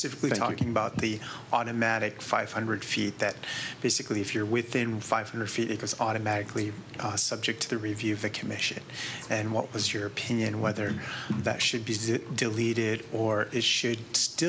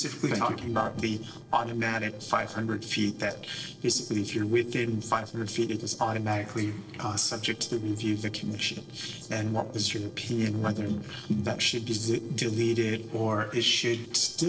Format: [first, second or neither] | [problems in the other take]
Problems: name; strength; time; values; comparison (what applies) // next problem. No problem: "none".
first | noise reduction (neural separator model SepFormer DNS4)